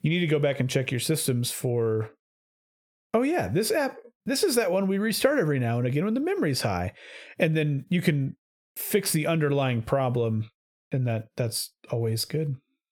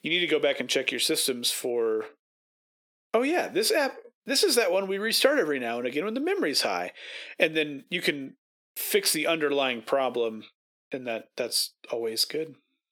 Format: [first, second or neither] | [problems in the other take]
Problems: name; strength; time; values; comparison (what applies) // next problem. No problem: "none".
first | thin; somewhat; fading below 300 Hz